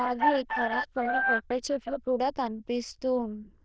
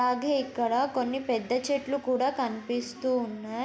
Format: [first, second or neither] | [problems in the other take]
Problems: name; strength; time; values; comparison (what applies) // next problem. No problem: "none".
second | noise reduction (neural diffusion model UNIVERSE++)